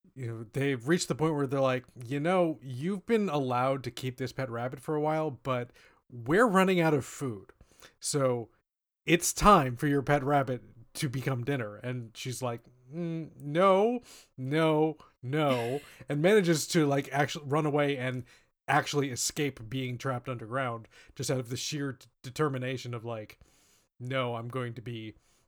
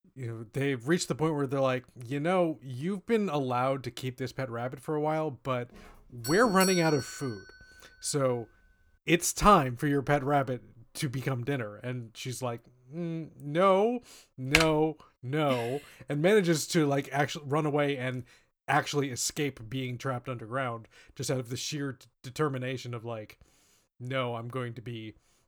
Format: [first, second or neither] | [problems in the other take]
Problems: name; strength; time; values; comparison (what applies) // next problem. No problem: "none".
first | doorbell; noticeable; from 6 to 7.5 s; peak 2 dB below the speech // keyboard typing; loud; at 15 s; peak 4 dB above the speech